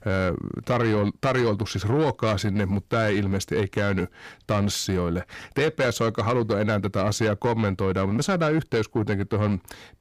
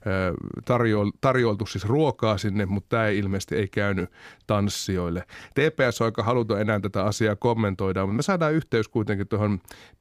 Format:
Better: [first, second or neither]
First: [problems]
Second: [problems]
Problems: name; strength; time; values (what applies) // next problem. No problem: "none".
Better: second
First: distortion; slight; 10 dB below the speech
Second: none